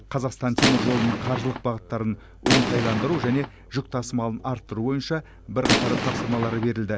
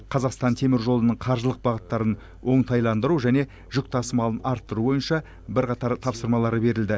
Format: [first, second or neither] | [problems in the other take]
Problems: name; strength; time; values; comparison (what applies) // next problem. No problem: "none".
second | background sound (Gunshot, gunfire); as loud as the speech